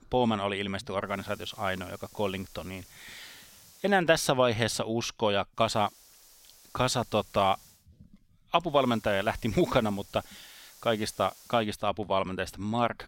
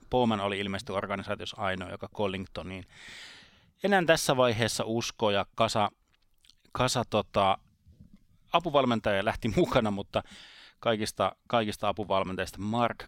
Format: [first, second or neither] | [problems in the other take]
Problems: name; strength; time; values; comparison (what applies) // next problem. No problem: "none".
second | hiss; faint; from 1 to 4 s, from 5.5 to 8 s and from 9 to 12 s; 25 dB below the speech